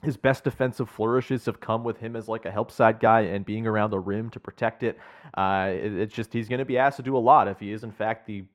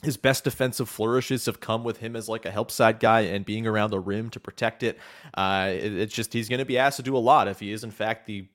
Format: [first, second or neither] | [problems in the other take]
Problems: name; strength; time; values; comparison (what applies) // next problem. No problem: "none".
second | muffled; very; fading above 3 kHz